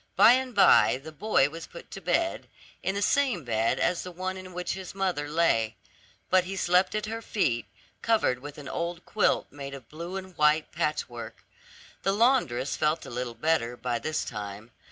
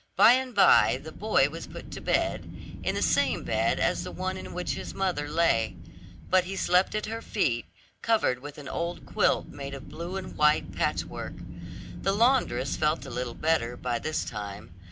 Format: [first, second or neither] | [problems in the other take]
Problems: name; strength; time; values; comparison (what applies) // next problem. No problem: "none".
first | background sound (Wind); 11 dB below the speech